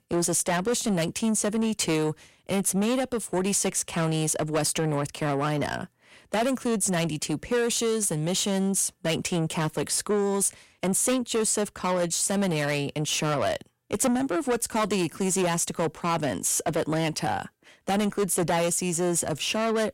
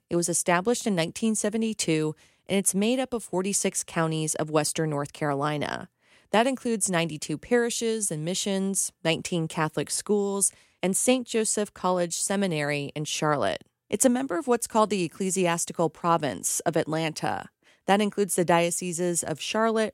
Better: second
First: distortion; heavy; 7 dB below the speech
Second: none

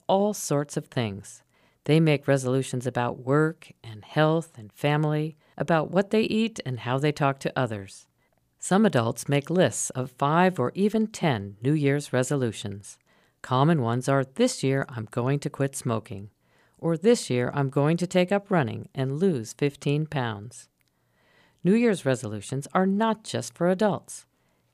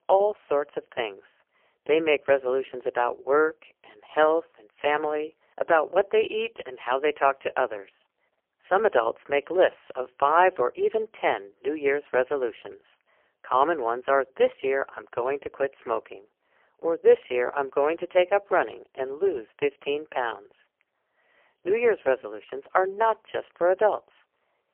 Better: first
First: none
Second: phone-call audio; poor line; nothing above 3 kHz

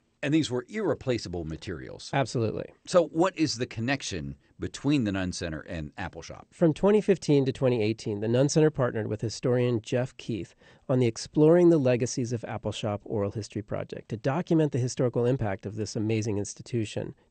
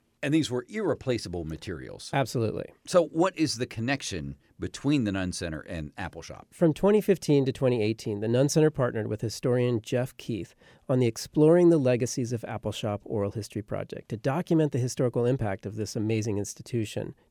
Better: second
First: garbled, watery; slightly; nothing above 8.5 kHz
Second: none

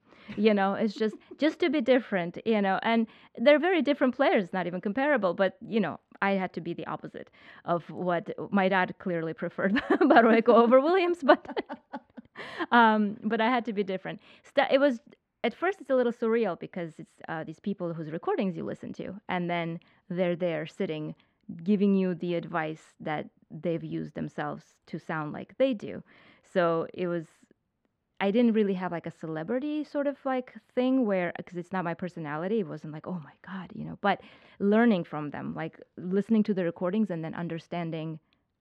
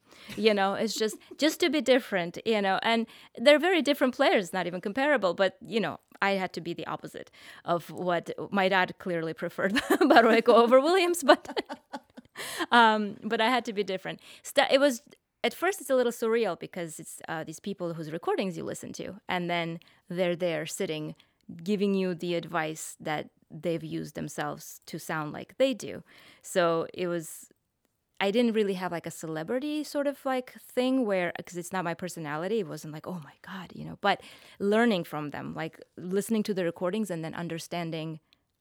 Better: second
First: muffled; slightly; fading above 2.5 kHz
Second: none

